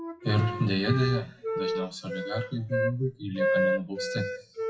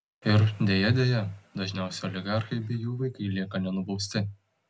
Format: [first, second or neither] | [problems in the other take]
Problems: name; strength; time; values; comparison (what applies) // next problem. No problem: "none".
second | noise reduction (classical method WPE with log-MMSE)